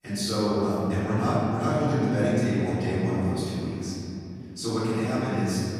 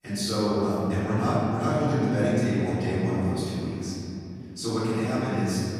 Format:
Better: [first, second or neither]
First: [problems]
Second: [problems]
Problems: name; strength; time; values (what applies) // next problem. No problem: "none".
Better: neither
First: off-mic speech; far // room echo; strong; dies away in 3 s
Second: off-mic speech; far // room echo; strong; dies away in 3 s